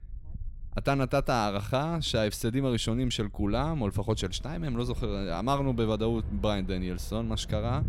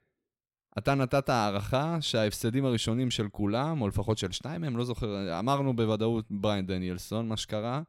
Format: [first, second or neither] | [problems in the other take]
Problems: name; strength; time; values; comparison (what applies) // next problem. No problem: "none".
second | low rumble; faint; throughout; 25 dB below the speech